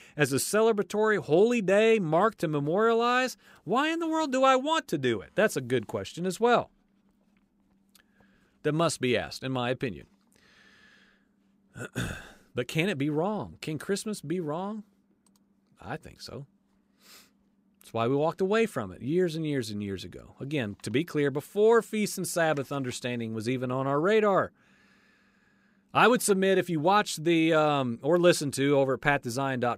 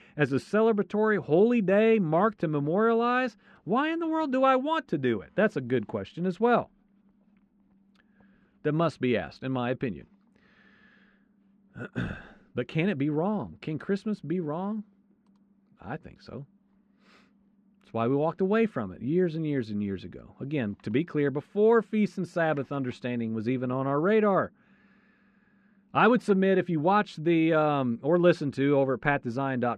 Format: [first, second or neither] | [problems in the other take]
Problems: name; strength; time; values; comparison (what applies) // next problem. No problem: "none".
first | muffled; slightly; fading above 2.5 kHz